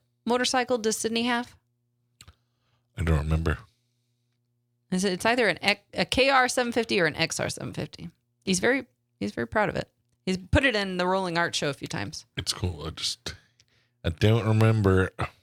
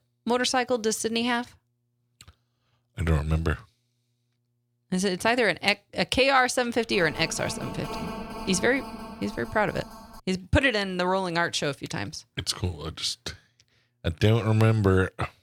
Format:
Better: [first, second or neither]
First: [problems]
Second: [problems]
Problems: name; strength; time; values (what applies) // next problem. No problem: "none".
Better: first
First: none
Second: phone ringing; noticeable; from 7 to 10 s; peak 9 dB below the speech